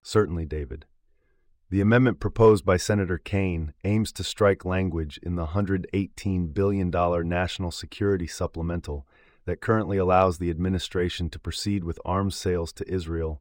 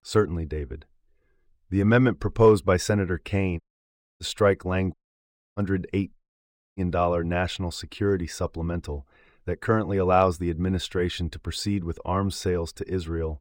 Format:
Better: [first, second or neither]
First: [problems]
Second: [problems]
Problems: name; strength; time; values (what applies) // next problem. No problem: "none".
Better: first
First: none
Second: audio cutting out; at 3.5 s for 0.5 s, at 5 s for 0.5 s and at 6 s for 0.5 s